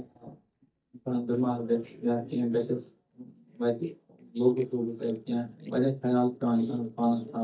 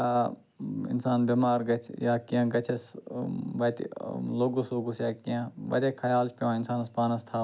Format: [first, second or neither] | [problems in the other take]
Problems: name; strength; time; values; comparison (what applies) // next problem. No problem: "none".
second | noise reduction (neural mask model DeepFilterNet 3)